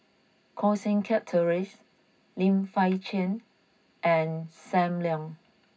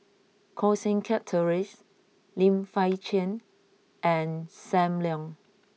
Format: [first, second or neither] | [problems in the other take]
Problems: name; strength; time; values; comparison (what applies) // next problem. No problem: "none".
second | room echo; dies away in 0.4 s